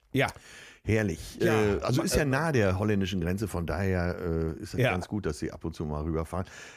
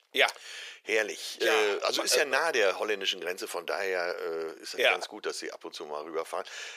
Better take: first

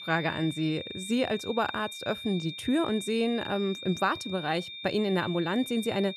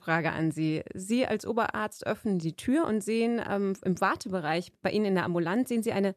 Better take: second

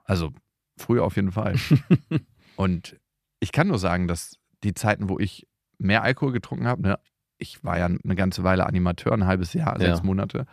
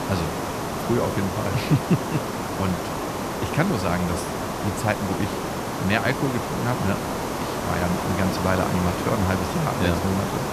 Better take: first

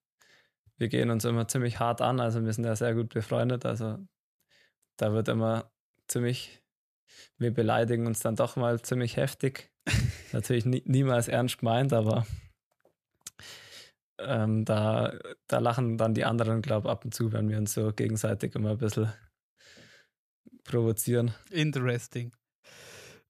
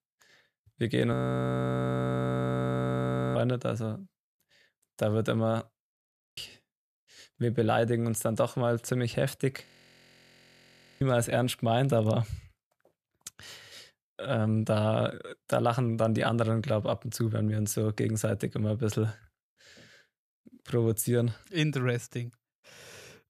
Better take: first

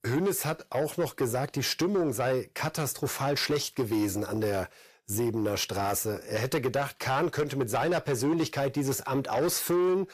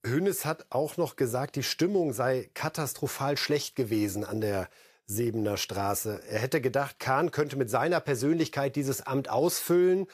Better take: second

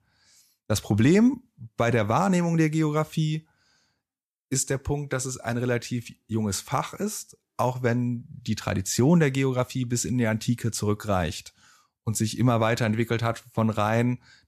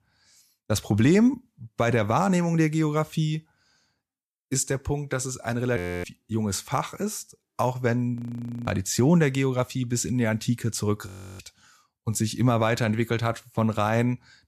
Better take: first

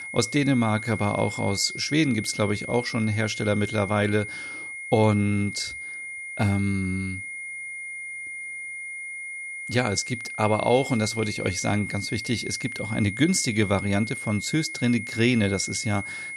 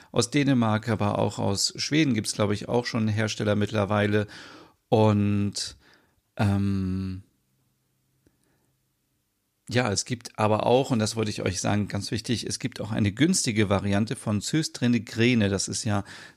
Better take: second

